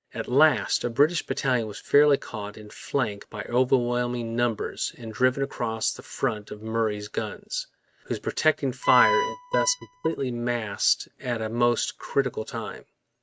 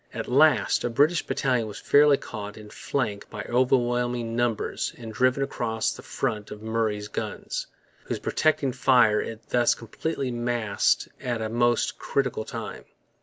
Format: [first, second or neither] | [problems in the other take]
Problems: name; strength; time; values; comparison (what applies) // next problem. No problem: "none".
second | noise reduction (neural mask model RNNoise)